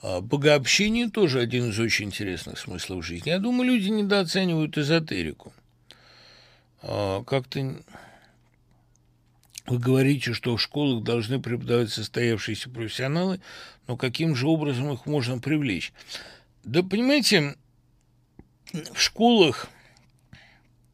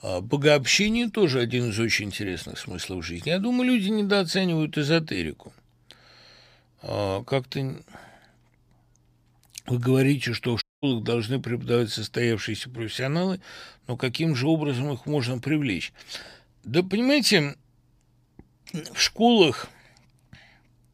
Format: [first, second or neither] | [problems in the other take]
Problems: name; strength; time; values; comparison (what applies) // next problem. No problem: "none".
first | audio cutting out; at 11 s